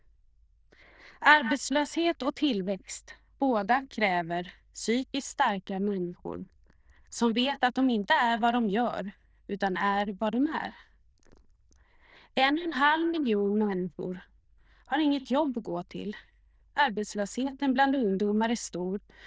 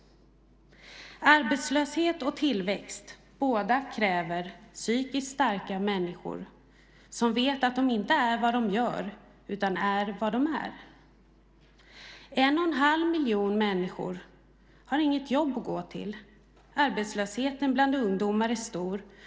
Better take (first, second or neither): second